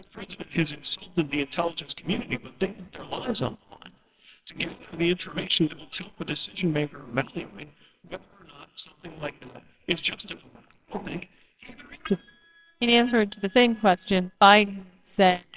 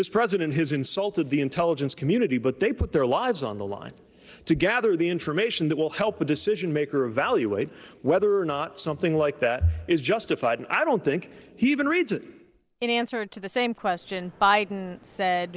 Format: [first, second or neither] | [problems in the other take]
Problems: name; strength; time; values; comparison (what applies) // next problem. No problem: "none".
second | noise reduction (neural separator model SepFormer WHAMR!)